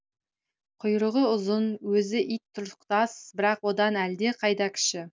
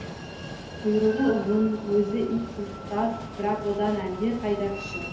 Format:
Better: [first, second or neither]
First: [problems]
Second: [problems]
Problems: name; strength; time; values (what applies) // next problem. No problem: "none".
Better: first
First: none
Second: background sound (Train); 10 dB below the speech // room echo; dies away in 2.2 s